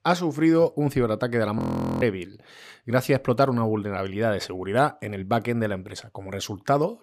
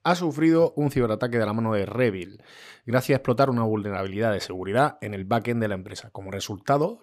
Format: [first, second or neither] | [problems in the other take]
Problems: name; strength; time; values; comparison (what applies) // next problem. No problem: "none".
second | audio freezing; at 1.5 s